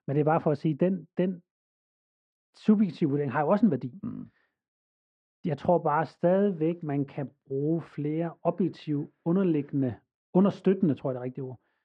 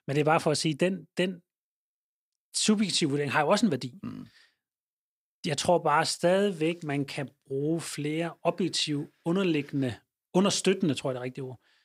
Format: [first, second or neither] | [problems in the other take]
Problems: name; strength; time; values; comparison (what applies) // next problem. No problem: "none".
second | muffled; very; fading above 1 kHz